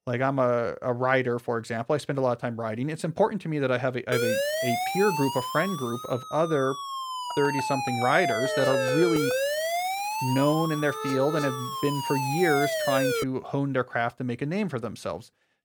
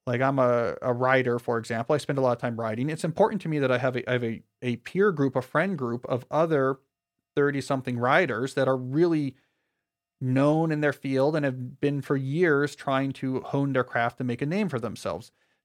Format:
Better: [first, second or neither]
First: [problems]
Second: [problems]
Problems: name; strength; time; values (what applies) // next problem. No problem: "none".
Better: second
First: siren; loud; from 4 to 13 s; peak 2 dB above the speech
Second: none